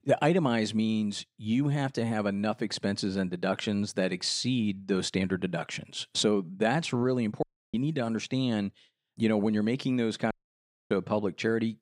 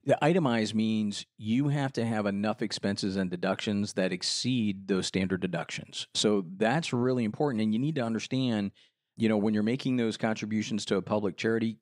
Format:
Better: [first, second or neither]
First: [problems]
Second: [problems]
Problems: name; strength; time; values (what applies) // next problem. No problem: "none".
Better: second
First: audio cutting out; at 7.5 s and at 10 s for 0.5 s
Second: none